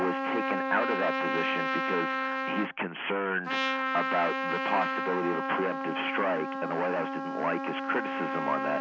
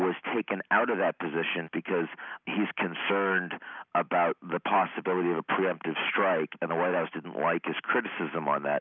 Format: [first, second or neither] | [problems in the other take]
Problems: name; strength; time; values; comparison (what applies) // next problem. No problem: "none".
second | background sound (Trumpet); as loud as the speech